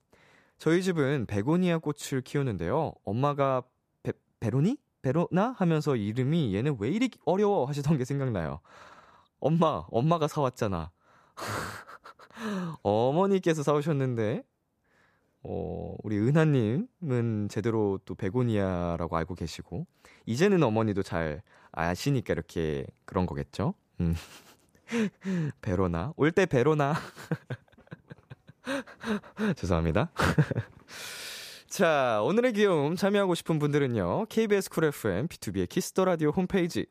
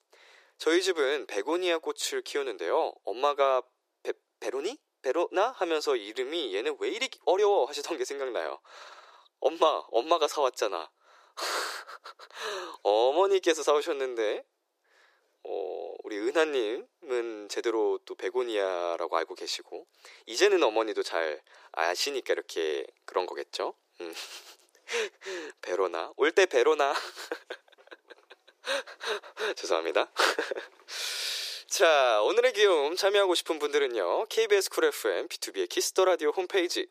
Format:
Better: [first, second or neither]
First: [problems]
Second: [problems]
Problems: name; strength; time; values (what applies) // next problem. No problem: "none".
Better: first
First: none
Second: thin; very; fading below 350 Hz